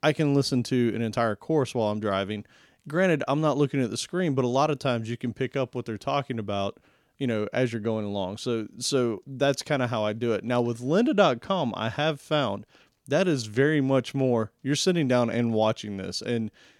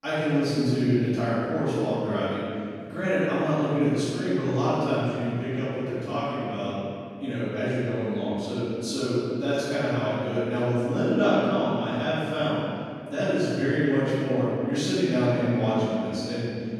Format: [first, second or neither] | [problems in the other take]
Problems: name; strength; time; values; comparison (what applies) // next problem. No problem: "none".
first | room echo; strong; dies away in 2.5 s // off-mic speech; far